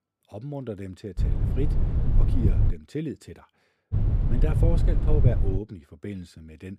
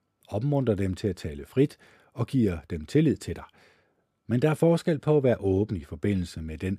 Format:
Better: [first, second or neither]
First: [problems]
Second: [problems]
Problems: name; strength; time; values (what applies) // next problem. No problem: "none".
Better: second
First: low rumble; loud; from 1 to 2.5 s and from 4 to 5.5 s; 2 dB below the speech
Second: none